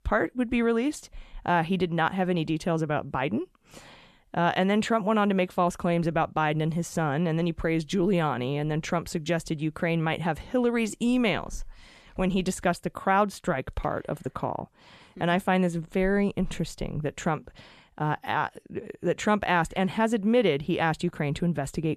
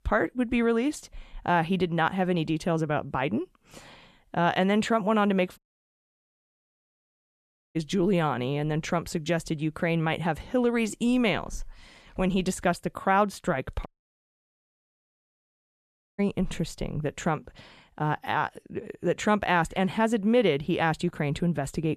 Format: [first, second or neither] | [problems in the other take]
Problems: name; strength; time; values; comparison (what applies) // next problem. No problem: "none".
first | audio cutting out; at 5.5 s for 2 s and at 14 s for 2.5 s